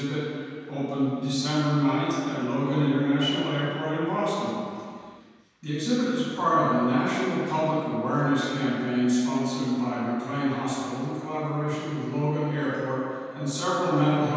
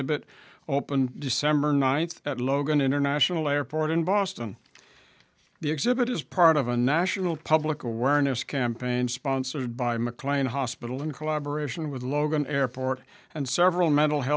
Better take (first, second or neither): second